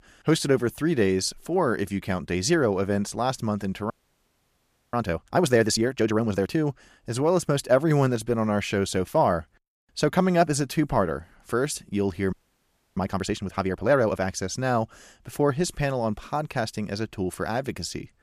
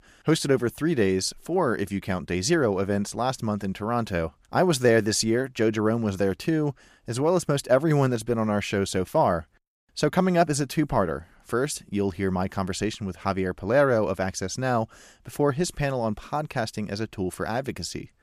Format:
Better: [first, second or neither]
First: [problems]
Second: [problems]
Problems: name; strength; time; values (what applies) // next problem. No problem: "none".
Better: second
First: audio freezing; at 4 s for 1 s and at 12 s for 0.5 s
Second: none